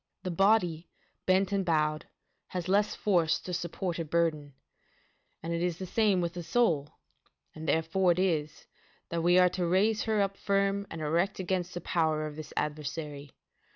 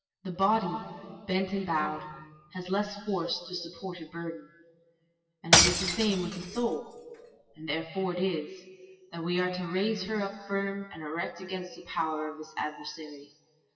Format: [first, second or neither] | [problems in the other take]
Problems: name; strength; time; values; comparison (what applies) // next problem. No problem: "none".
first | noise reduction (classical method WPE with log-MMSE)